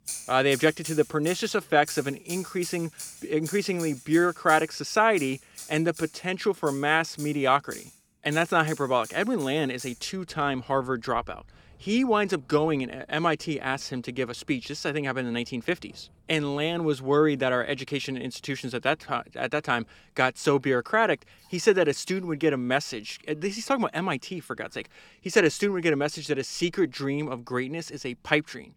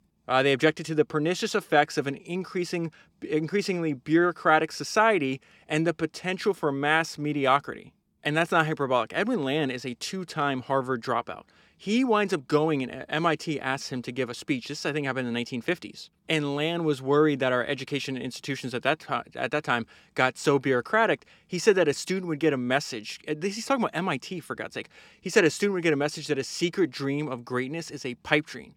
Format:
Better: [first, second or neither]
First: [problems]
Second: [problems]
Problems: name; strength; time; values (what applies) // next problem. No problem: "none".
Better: second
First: household noises; noticeable; throughout; 15 dB below the speech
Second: none